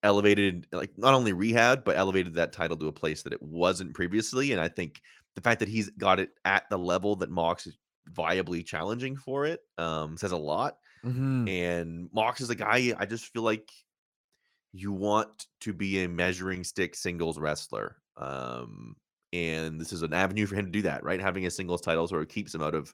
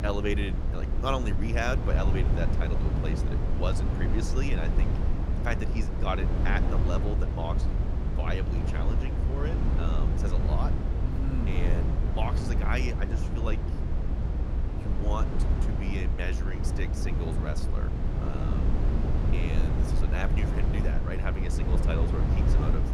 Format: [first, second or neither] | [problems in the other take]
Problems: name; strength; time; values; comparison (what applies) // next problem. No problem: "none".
first | low rumble; loud; throughout; 3 dB below the speech